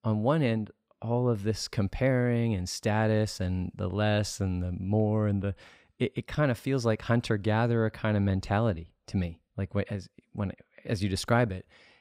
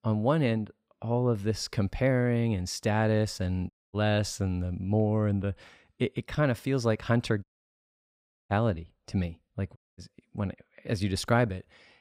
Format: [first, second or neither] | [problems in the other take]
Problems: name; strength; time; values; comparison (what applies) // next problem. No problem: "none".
first | audio cutting out; at 3.5 s, at 7.5 s for 1 s and at 10 s